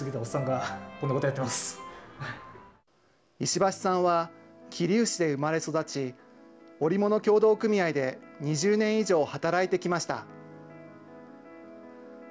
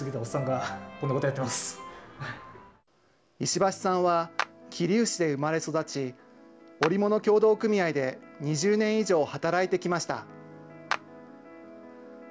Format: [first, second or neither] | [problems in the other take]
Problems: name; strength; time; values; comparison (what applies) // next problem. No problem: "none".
first | background sound (Clapping); 11 dB below the speech